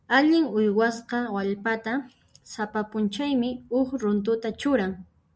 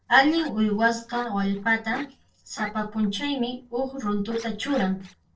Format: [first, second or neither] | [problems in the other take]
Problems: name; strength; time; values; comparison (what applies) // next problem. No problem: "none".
first | noise reduction (neural separator model SepFormer DNS4)